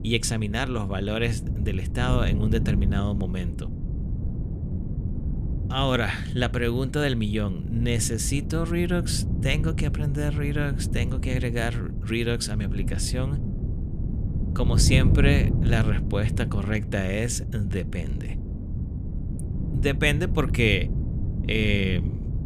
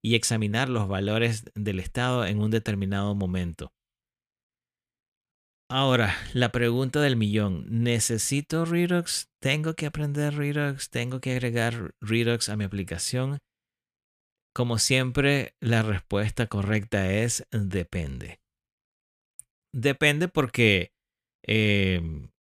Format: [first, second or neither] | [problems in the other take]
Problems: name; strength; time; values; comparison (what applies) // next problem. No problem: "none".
second | wind noise on the microphone; occasional gusts; 10 dB below the speech